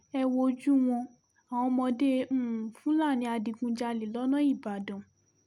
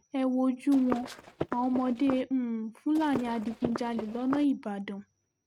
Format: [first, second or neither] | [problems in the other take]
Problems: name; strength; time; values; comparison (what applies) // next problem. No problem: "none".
first | noise reduction (neural mask model RNNoise)